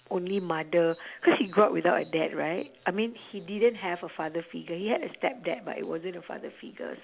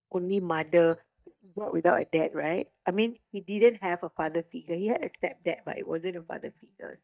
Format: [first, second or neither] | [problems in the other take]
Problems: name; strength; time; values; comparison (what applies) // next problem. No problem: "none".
first | noise reduction (neural mask model DeepFilterNet 3)